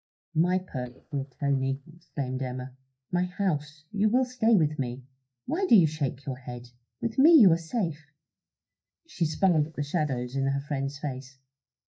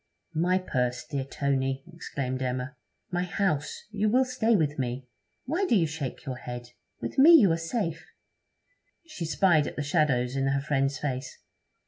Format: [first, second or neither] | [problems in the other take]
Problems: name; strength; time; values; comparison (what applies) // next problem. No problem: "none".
second | noise reduction (neural mask model DeepFilterNet 3)